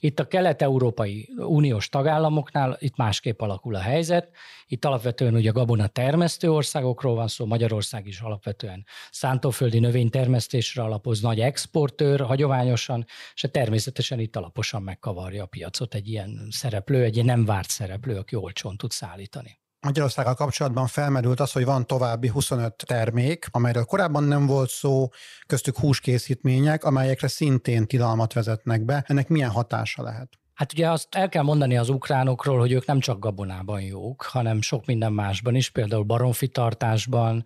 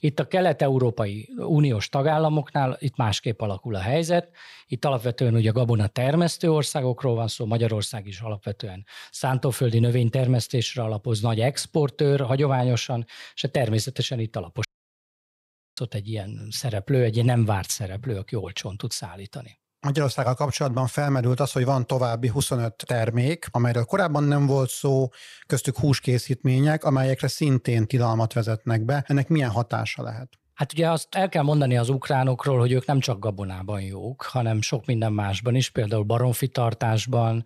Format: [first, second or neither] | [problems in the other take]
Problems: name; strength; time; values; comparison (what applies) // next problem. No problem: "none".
first | audio cutting out; at 15 s for 1 s